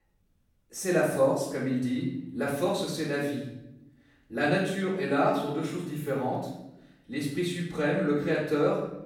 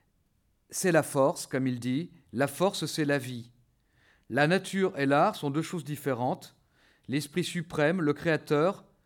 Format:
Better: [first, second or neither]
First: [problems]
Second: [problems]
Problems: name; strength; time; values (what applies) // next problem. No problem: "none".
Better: second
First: room echo; noticeable; dies away in 0.7 s // off-mic speech; far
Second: none